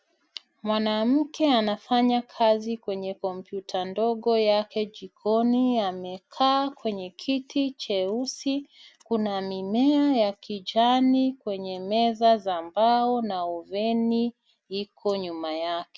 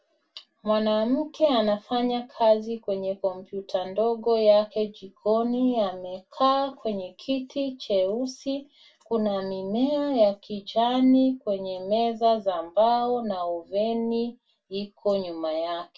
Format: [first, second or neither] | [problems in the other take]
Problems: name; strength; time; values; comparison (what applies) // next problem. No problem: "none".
first | room echo; dies away in 0.1 s